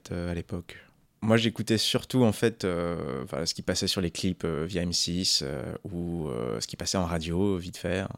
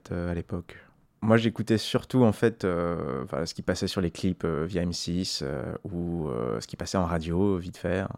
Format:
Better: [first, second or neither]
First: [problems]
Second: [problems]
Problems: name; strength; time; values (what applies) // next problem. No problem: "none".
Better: first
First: none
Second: muffled; slightly; fading above 2 kHz